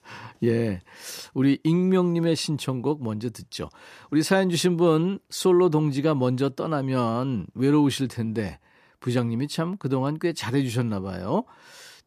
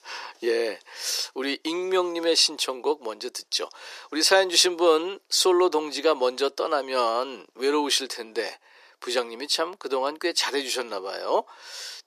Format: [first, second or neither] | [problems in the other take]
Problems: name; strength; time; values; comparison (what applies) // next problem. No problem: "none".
first | thin; very; fading below 400 Hz